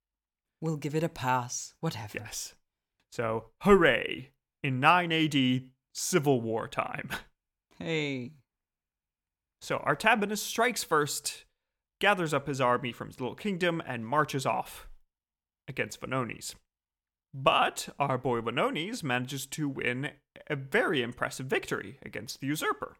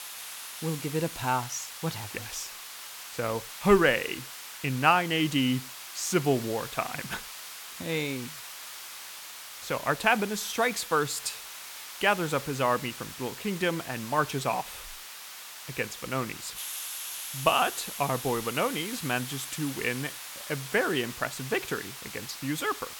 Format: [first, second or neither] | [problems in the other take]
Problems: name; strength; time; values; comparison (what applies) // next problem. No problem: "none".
first | hiss; loud; throughout; 10 dB below the speech